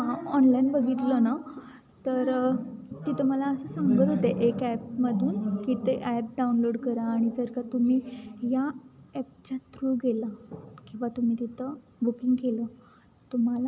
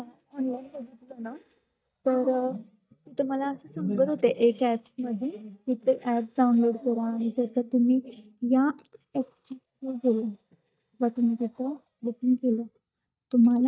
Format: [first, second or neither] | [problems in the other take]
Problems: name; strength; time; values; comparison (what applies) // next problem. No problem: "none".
first | noise reduction (neural mask model DeepFilterNet 3)